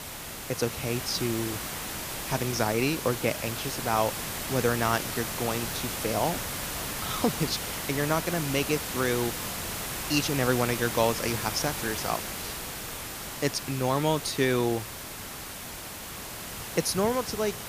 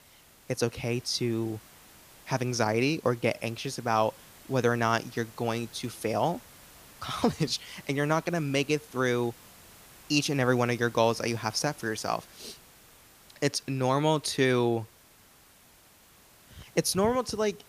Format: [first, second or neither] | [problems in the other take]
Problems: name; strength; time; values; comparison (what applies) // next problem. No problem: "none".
second | hiss; loud; throughout; 4 dB below the speech; faint in the second